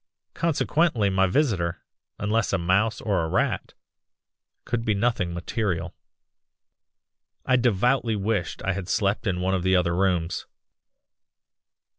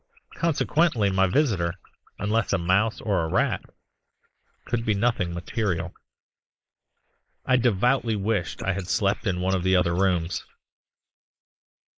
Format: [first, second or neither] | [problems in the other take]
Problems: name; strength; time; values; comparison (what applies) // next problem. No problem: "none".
first | noise reduction (neural mask model Resemble Enhance denoiser)